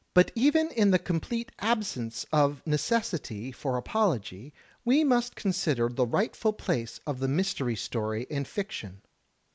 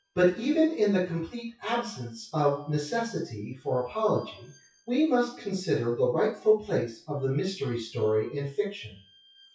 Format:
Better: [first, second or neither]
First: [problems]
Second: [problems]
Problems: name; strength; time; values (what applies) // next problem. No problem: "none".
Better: first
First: none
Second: noise reduction (classical method WPE with log-MMSE)